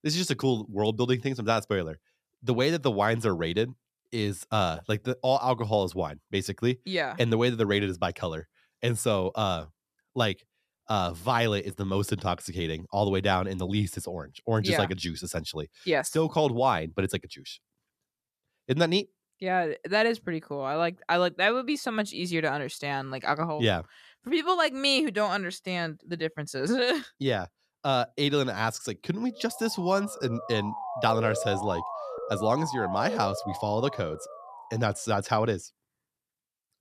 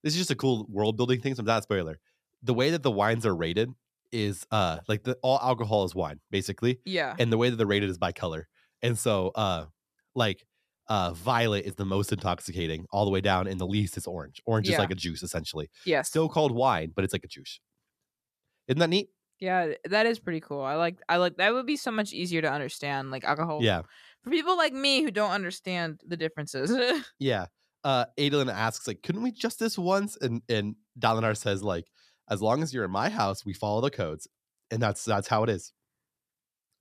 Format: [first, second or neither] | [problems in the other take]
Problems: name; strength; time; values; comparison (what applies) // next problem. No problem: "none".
second | siren; noticeable; from 29 to 35 s; peak 4 dB below the speech